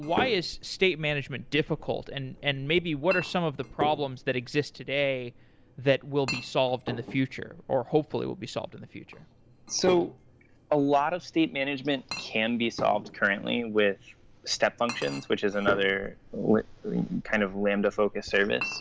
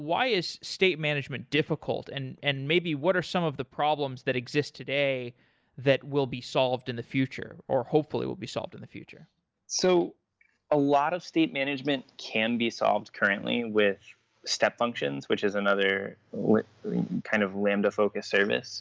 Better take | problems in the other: second | background sound (Chink, clink); 13 dB below the speech

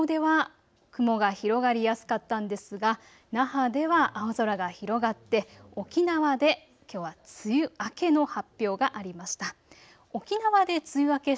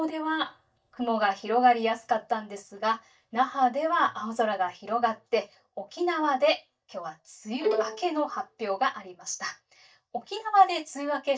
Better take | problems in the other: first | noise reduction (neural mask model DeepFilterNet 3)

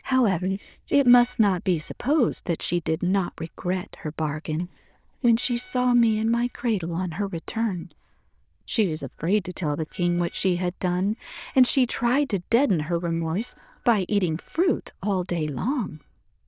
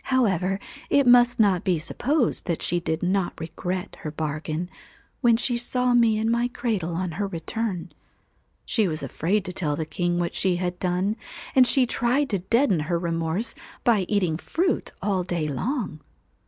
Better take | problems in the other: second | noise reduction (neural diffusion model UNIVERSE++)

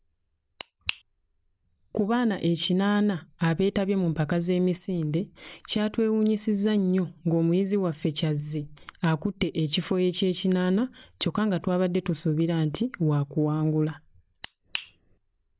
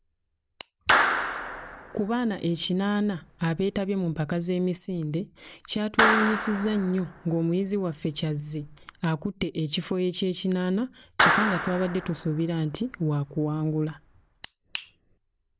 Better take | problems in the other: first | background sound (Clapping); 2 dB below the speech

